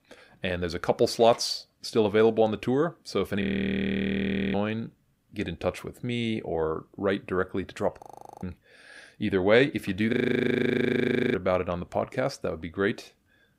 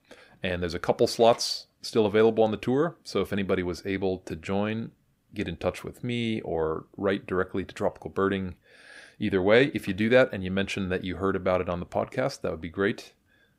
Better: second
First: audio freezing; at 3.5 s for 1 s, at 8 s and at 10 s for 1 s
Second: none

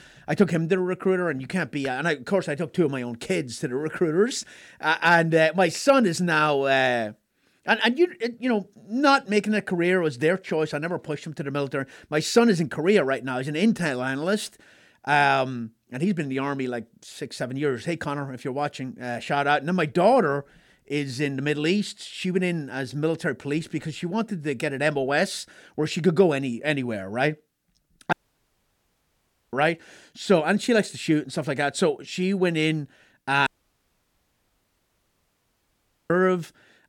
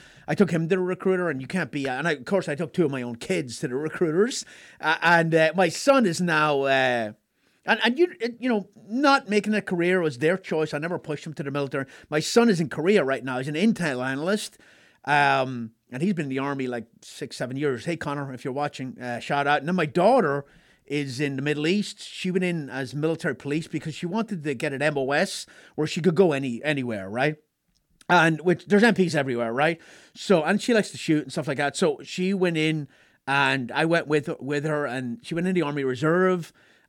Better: second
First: audio cutting out; at 28 s for 1.5 s and at 33 s for 2.5 s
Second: none

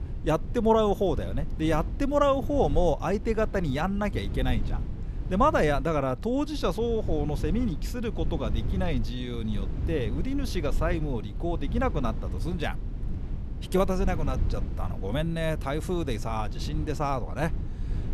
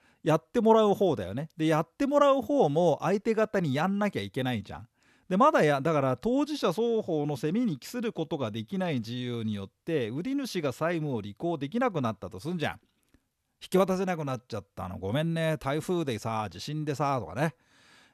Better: second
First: low rumble; noticeable; throughout; 15 dB below the speech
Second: none

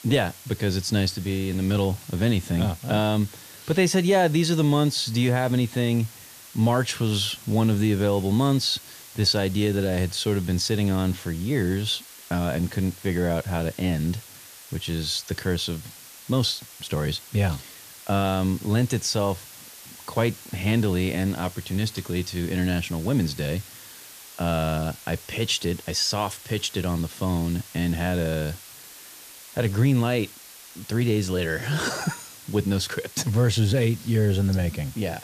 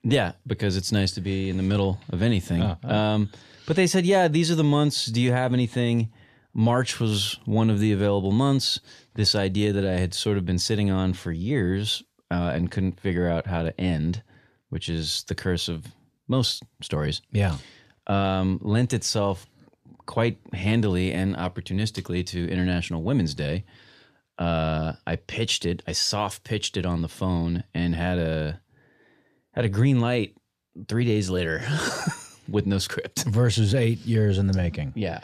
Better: second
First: hiss; noticeable; throughout; 15 dB below the speech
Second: none

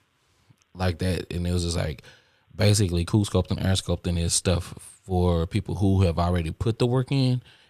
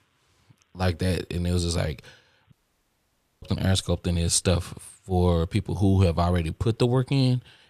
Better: first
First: none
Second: audio cutting out; at 2.5 s for 1 s

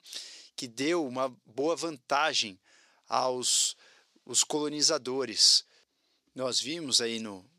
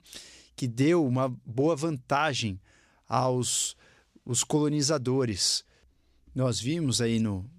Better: second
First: thin; somewhat; fading below 400 Hz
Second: none

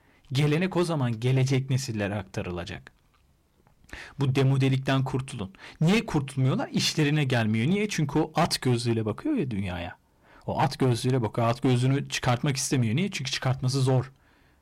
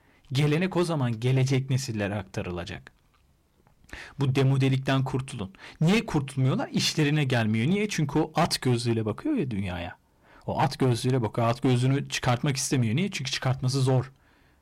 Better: neither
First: distortion; slight; 6% of the sound clipped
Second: distortion; slight; 6% of the sound clipped

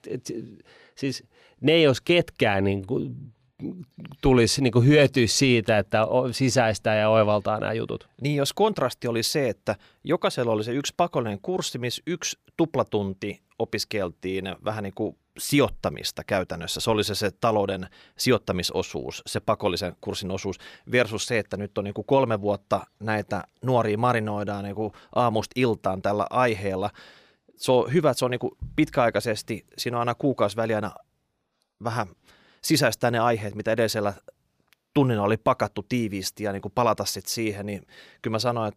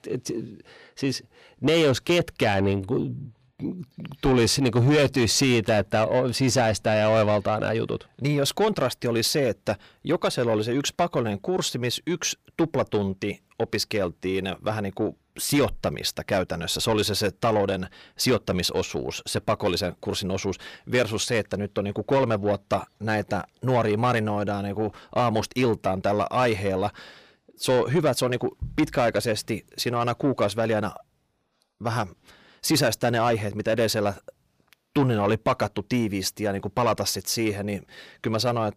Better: first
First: none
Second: distortion; slight; 10 dB below the speech

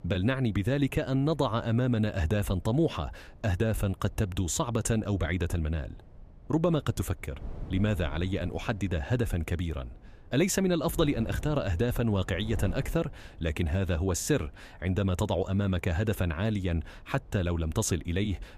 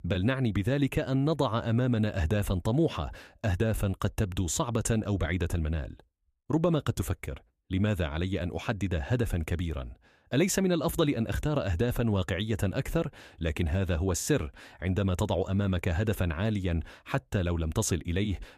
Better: second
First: wind noise on the microphone; occasional gusts; 25 dB below the speech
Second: none

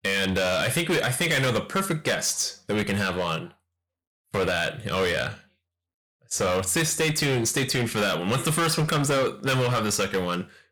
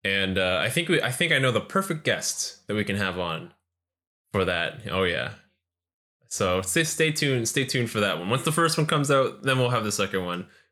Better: second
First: distortion; heavy; 15% of the sound clipped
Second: none

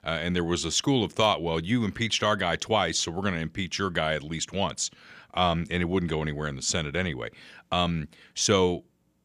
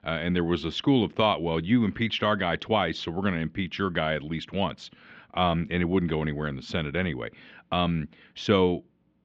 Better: first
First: none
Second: muffled; very; fading above 3.5 kHz

